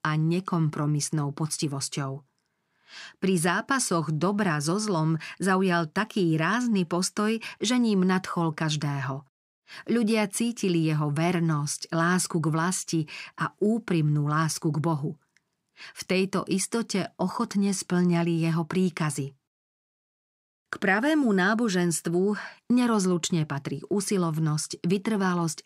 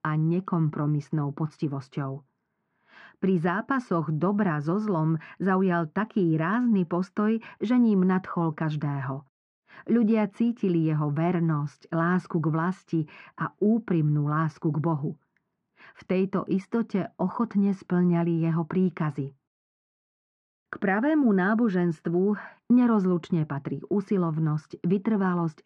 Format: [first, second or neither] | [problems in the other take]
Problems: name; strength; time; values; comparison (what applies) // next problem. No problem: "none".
first | muffled; very; fading above 1.5 kHz